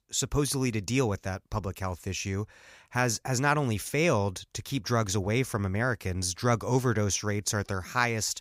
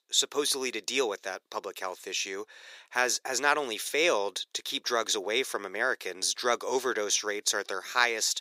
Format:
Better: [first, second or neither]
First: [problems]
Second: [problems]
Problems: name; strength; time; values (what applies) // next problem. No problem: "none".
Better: first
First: none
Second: thin; very; fading below 400 Hz